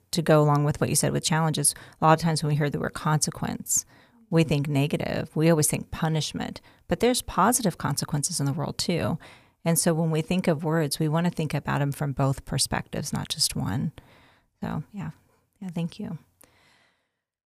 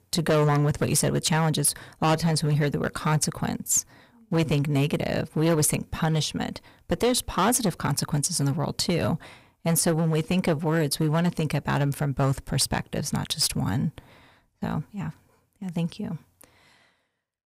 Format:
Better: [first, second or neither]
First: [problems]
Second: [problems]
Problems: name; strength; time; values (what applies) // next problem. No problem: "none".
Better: first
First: none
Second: distortion; slight; 6% of the sound clipped